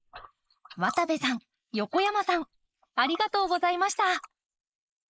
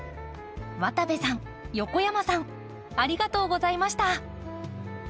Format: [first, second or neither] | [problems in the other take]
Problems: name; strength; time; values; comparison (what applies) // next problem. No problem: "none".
second | noise reduction (neural mask model Resemble Enhance denoiser)